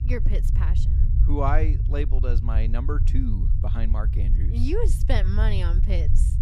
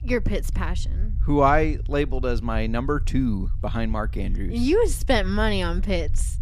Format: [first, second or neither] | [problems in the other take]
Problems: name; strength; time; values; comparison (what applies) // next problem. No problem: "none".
second | low rumble; loud; throughout; 9 dB below the speech; faint in the second